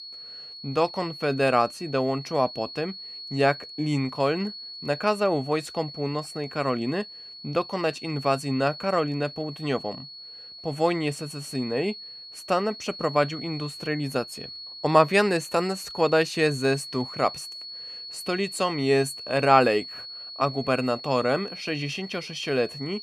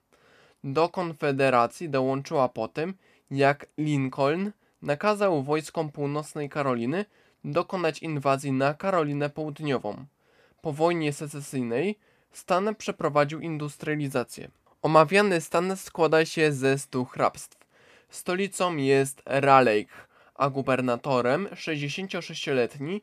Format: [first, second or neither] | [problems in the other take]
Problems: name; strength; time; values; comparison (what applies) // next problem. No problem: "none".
second | high-pitched whine; noticeable; throughout; 4.5 kHz, 10 dB below the speech